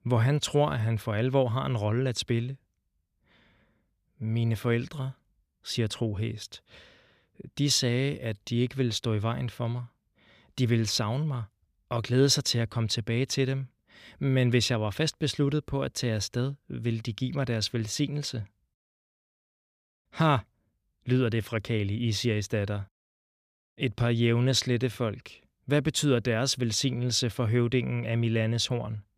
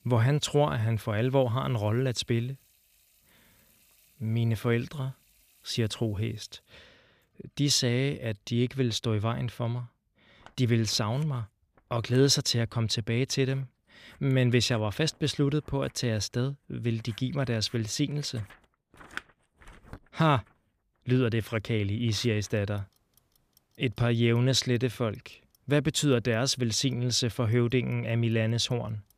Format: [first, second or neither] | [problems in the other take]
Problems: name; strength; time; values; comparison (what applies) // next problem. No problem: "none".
first | household noises; faint; throughout; 30 dB below the speech